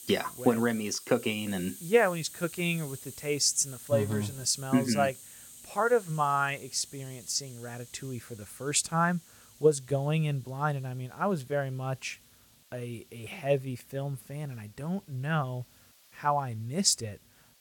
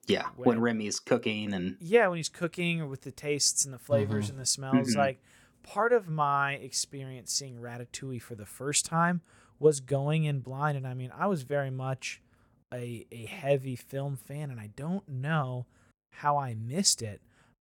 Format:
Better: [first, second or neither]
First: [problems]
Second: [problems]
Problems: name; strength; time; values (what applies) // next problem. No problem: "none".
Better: second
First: hiss; noticeable; throughout; 15 dB below the speech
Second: none